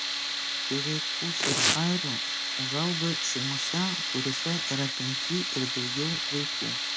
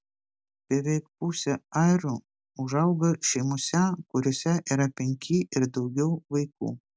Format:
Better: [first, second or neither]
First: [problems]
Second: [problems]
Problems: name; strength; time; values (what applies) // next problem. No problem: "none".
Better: second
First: background sound (Tools + Tearing); 3 dB above the speech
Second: none